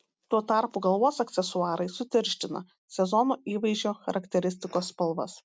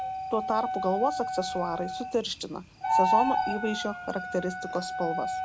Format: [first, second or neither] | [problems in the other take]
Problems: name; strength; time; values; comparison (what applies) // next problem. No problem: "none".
first | background sound (Wind instrument, woodwind instrument + Bird); as loud as the speech